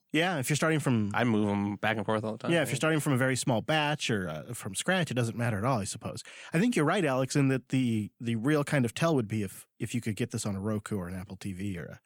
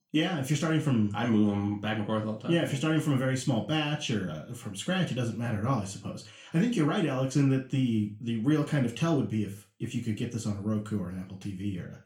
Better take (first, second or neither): first